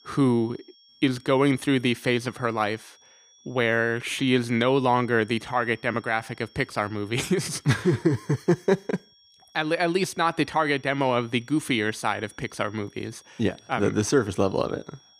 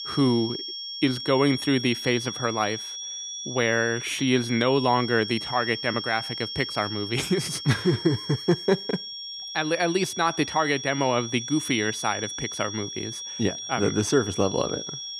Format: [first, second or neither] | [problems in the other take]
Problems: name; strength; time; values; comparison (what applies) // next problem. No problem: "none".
first | high-pitched whine; loud; throughout; 3.5 kHz, 7 dB below the speech; faint in the first